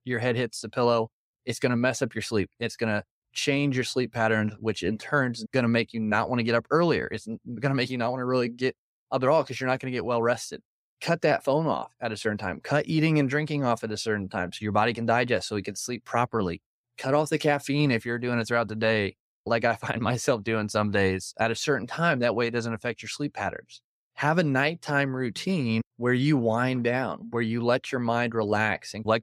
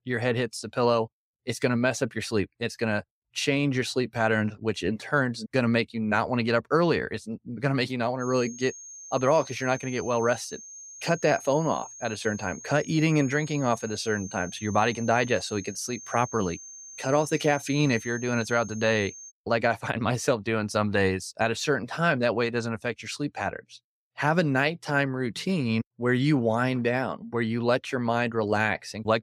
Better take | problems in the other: first | high-pitched whine; noticeable; from 8 to 19 s; 6.5 kHz, 15 dB below the speech

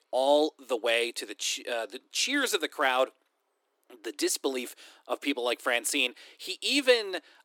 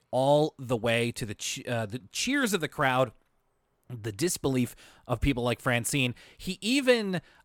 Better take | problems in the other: second | thin; somewhat; fading below 300 Hz

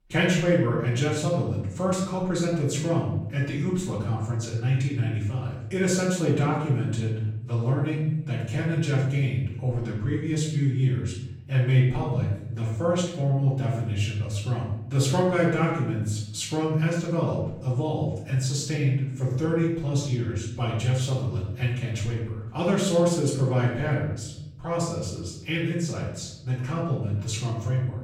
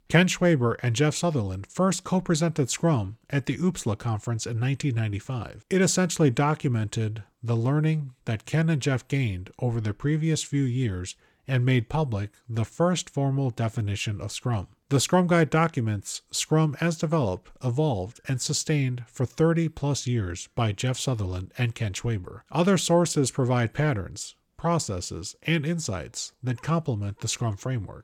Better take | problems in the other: second | off-mic speech; far // room echo; noticeable; dies away in 0.8 s

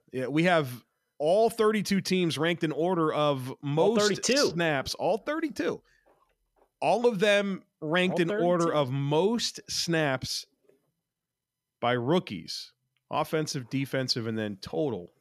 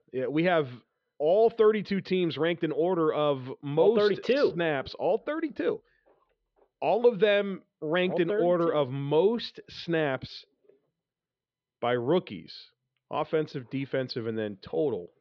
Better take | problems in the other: first | muffled; slightly; fading above 4 kHz

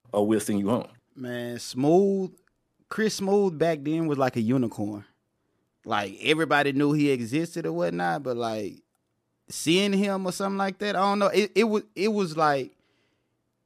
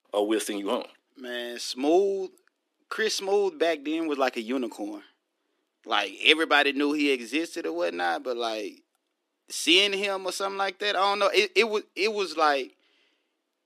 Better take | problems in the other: first | thin; somewhat; fading below 250 Hz

